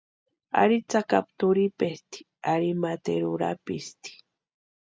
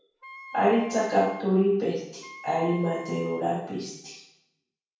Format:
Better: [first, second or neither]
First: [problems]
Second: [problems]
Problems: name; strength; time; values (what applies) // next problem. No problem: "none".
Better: first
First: none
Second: background sound (Wind instrument, woodwind instrument); 17 dB below the speech // room echo; dies away in 0.7 s